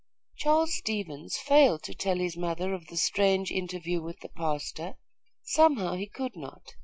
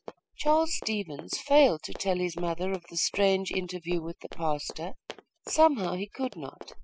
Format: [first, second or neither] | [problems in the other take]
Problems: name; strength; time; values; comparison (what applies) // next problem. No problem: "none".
first | noise reduction (classical method spectral subtraction)